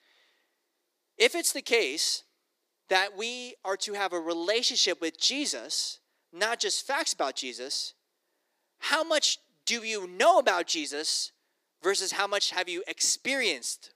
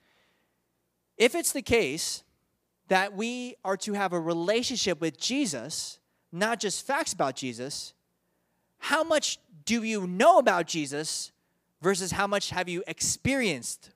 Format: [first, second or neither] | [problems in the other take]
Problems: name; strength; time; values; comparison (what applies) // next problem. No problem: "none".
second | thin; somewhat; fading below 350 Hz